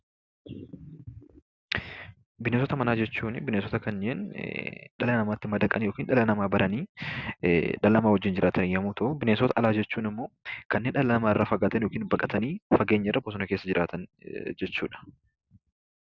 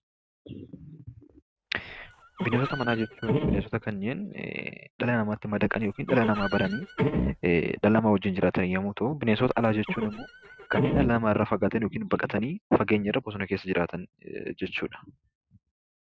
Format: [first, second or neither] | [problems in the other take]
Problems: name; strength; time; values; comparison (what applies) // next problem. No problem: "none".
first | noise reduction (neural mask model RNNoise)